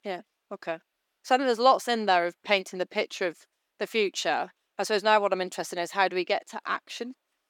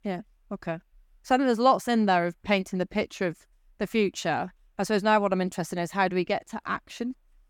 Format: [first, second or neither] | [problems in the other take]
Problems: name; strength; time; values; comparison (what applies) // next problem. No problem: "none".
second | thin; somewhat; fading below 400 Hz